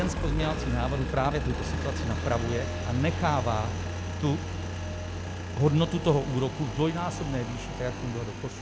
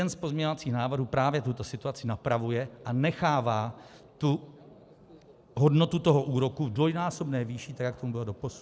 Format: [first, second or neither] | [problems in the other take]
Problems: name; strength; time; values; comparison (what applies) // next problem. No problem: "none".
second | background sound (Engine); 3 dB below the speech